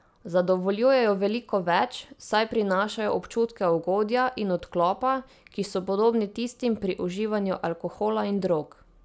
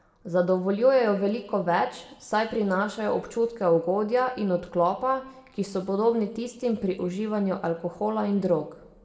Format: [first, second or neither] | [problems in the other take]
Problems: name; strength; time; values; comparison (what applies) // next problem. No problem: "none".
first | room echo; dies away in 0.7 s